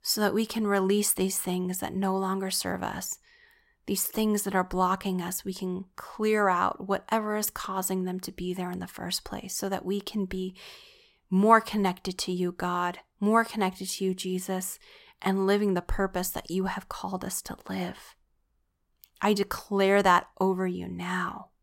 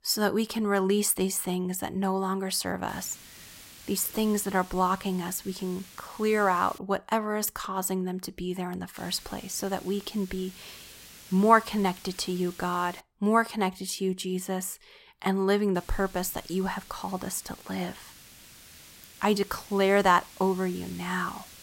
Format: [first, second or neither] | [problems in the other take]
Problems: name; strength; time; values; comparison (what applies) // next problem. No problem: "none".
first | hiss; noticeable; from 3 to 7 s, from 9 to 13 s and from 16 s on; 20 dB below the speech